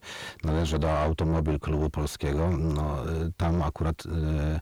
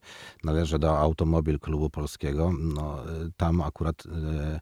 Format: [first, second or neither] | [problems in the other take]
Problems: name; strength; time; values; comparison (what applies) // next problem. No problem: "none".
second | distortion; heavy; 7 dB below the speech